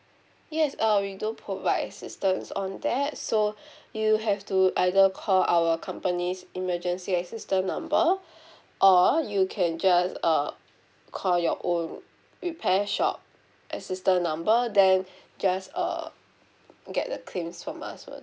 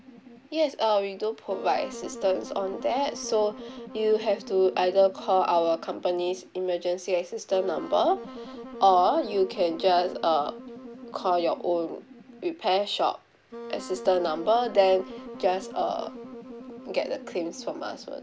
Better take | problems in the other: first | background sound (Wind instrument, woodwind instrument); 15 dB below the speech

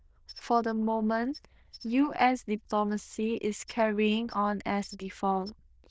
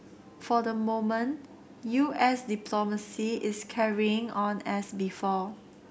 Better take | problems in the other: second | noise reduction (neural diffusion model UNIVERSE++)

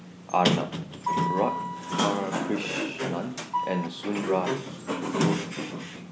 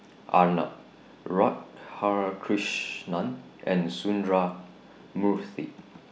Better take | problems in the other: second | background sound (Sliding door); 1 dB above the speech

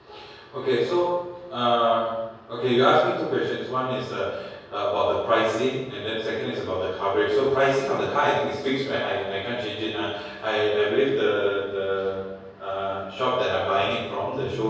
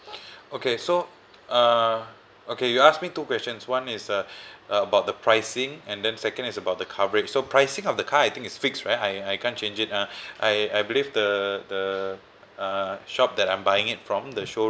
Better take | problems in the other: second | room echo; dies away in 1.3 s

